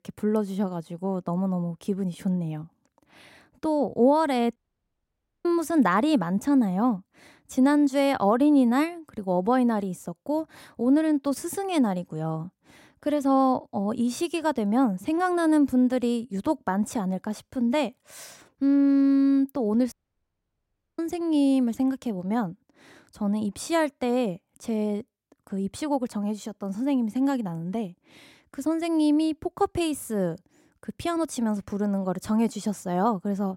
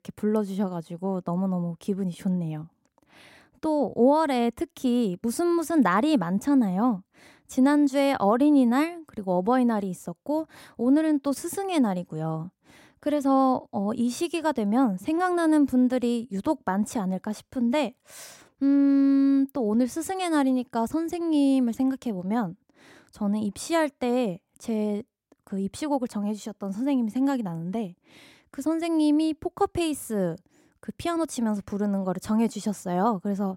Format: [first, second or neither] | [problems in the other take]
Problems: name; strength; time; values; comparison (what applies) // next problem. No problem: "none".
second | audio cutting out; at 4.5 s for 1 s and at 20 s for 1 s